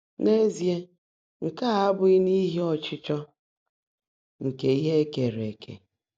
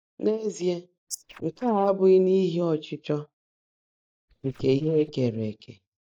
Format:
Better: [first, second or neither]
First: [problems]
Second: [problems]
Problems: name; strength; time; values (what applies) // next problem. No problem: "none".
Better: first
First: none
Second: noise reduction (neural mask model DeepFilterNet 3)